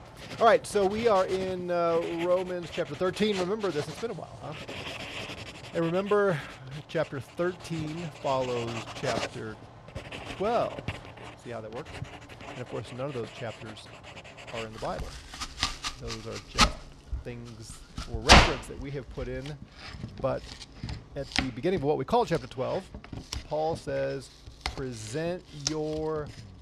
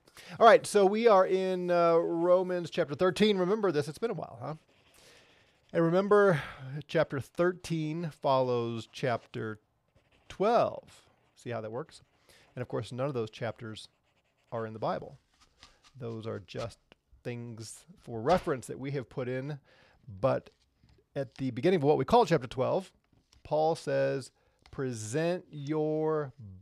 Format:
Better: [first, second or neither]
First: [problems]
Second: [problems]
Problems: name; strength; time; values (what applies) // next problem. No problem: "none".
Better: second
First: household noises; loud; throughout; 1 dB below the speech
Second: household noises; faint; throughout; 30 dB below the speech